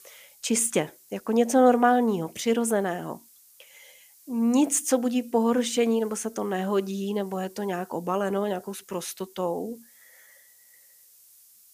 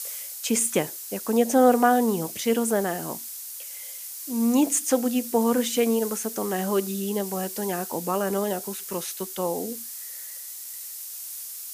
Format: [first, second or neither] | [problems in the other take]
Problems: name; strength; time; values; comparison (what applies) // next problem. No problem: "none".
first | hiss; loud; throughout; 9 dB below the speech; faint in the first